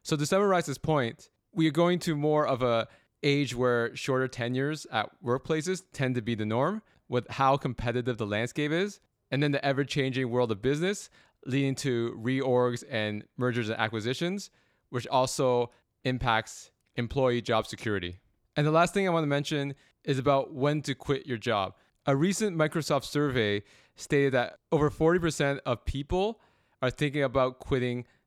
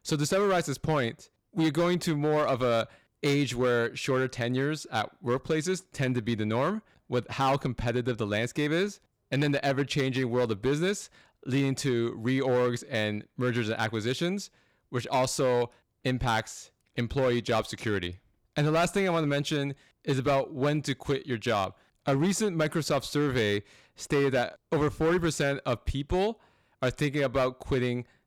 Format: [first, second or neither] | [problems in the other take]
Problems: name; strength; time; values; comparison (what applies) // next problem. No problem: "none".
first | distortion; slight; 7% of the sound clipped